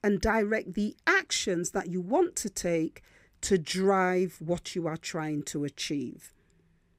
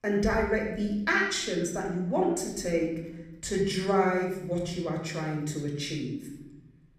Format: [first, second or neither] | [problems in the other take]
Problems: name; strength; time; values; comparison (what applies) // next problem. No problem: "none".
first | off-mic speech; somewhat distant // room echo; noticeable; dies away in 0.9 s